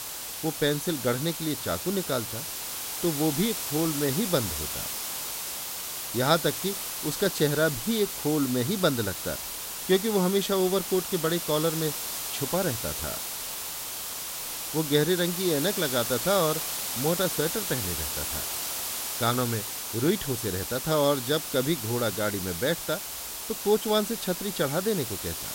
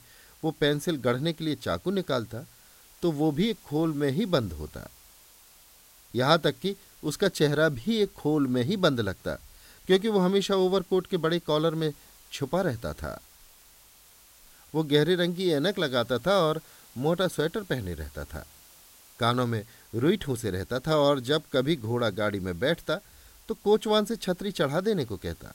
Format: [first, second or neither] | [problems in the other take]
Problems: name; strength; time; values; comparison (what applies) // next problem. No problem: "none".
second | hiss; loud; throughout; 3 dB below the speech; faint in the second